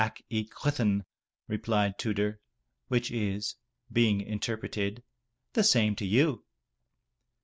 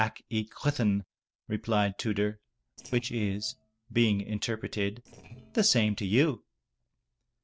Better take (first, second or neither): first